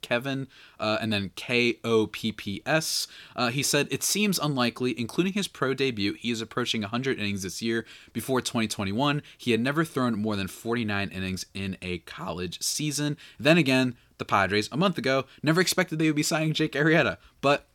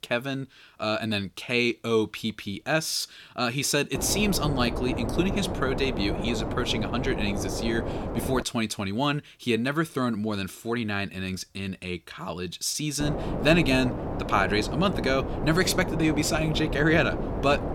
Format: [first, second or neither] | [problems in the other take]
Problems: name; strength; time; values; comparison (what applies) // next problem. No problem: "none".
first | wind noise on the microphone; heavy; from 4 to 8.5 s and from 13 s on; 7 dB below the speech